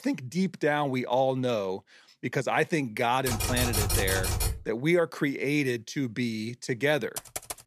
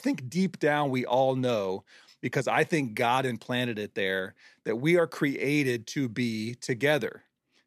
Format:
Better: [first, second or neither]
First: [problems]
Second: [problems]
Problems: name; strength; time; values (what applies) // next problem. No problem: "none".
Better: second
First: keyboard typing; loud; from 3.5 to 4.5 s; peak 2 dB above the speech // keyboard typing; noticeable; at 7 s; peak 7 dB below the speech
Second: none